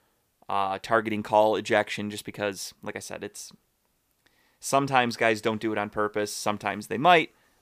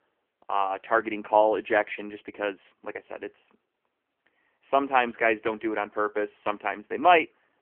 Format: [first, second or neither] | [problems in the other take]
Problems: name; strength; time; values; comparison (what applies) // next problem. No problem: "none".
first | phone-call audio; poor line; nothing above 3 kHz